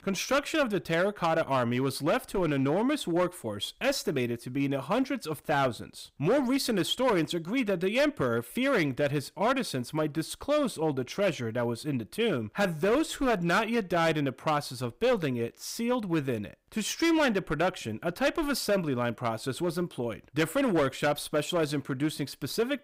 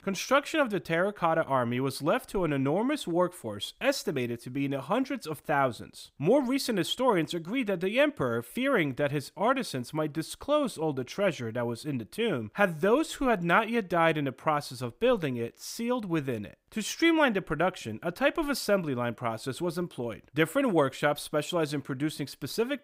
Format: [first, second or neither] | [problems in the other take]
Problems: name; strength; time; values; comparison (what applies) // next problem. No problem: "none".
second | distortion; slight; 6% of the sound clipped